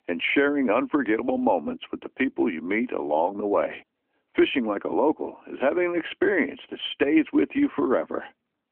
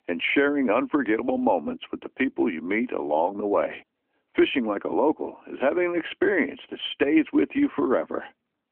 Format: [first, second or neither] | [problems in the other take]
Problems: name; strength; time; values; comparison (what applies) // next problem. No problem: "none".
neither | phone-call audio; nothing above 3 kHz; the same in both